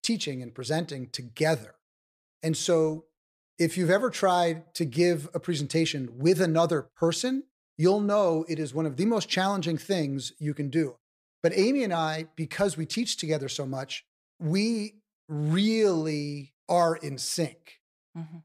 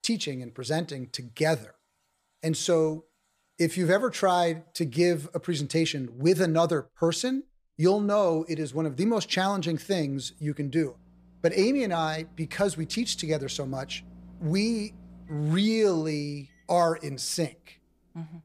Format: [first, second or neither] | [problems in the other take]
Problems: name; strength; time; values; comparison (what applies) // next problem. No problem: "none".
first | household noises; faint; throughout; 25 dB below the speech